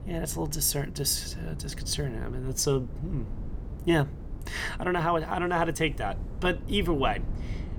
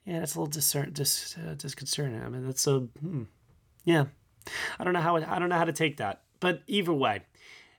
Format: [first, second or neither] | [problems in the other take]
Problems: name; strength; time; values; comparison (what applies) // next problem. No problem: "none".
second | low rumble; faint; throughout; 20 dB below the speech